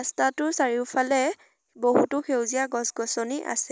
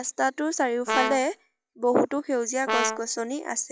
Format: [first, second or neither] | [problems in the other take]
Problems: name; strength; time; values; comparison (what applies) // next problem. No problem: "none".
first | noise reduction (classical method log-MMSE)